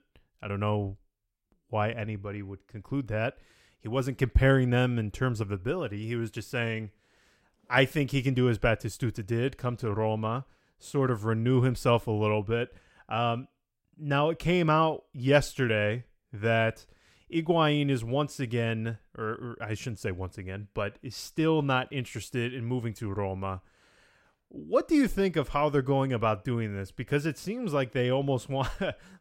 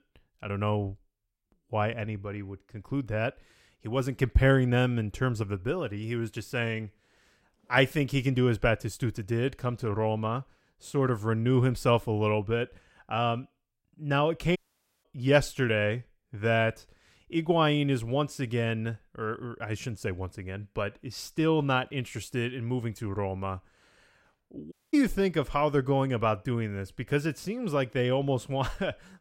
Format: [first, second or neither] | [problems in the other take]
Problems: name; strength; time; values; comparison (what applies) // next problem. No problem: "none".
first | audio cutting out; at 15 s and at 25 s